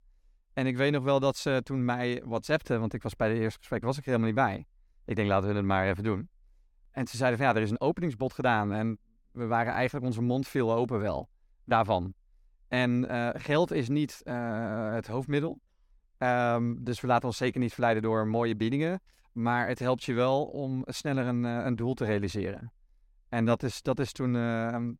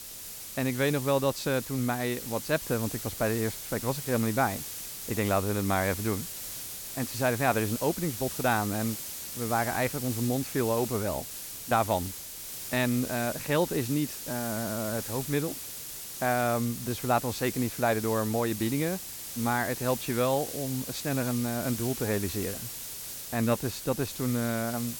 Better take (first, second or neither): first